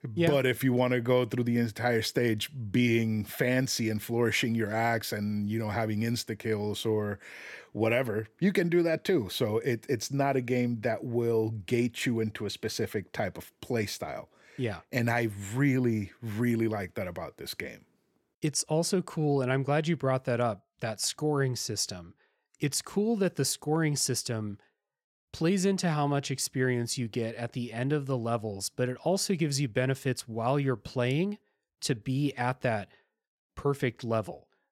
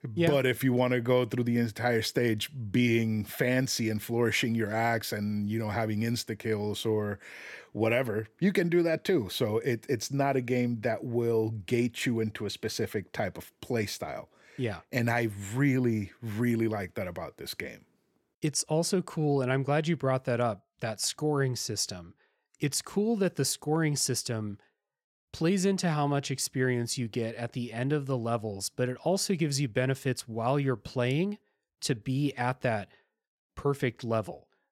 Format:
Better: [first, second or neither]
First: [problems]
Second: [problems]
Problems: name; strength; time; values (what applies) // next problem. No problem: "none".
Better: neither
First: none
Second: none